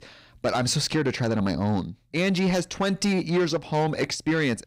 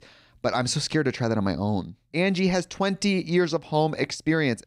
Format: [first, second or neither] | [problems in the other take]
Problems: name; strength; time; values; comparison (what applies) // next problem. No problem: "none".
second | distortion; slight; 10 dB below the speech